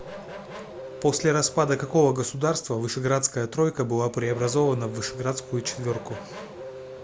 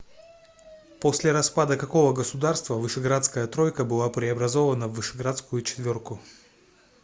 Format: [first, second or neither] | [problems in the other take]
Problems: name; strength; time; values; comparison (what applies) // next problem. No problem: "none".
second | background sound (Race car, auto racing / Accelerating, revving, vroom); 15 dB below the speech